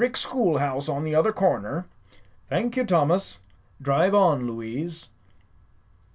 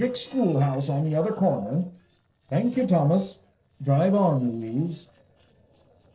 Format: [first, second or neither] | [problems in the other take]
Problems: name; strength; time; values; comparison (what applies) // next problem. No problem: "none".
first | noise reduction (neural separator model SepFormer DNS4)